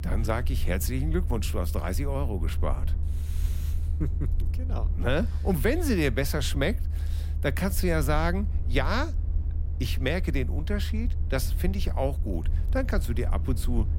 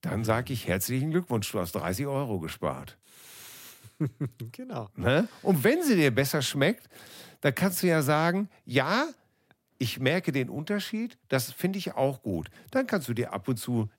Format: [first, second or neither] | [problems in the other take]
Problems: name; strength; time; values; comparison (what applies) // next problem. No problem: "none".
second | low rumble; noticeable; throughout; 15 dB below the speech